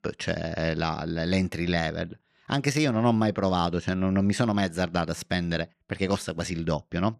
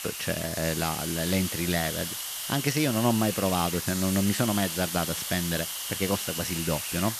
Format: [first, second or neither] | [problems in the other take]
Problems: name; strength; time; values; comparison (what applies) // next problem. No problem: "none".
first | hiss; loud; throughout; 3 dB below the speech